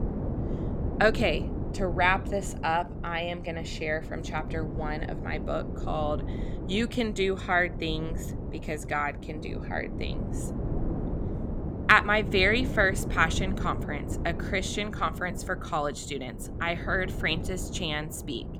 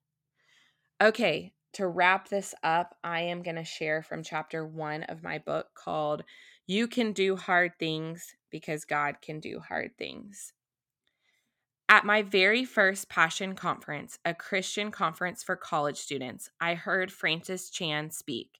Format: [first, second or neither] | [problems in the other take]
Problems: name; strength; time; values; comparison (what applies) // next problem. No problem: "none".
second | wind noise on the microphone; occasional gusts; 15 dB below the speech